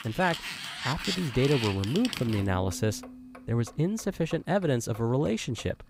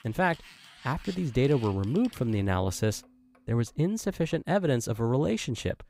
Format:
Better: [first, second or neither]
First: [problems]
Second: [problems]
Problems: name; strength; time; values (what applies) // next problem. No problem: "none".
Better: second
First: household noises; loud; throughout; 7 dB below the speech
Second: household noises; faint; throughout; 20 dB below the speech